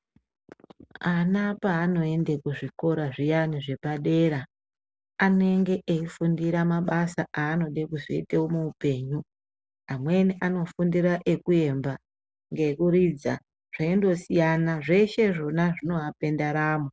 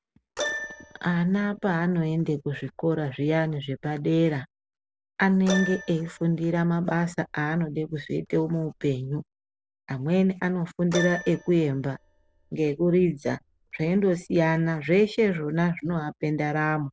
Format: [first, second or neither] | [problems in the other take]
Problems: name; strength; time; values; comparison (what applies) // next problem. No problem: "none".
first | background sound (Keyboard (musical)); 14 dB below the speech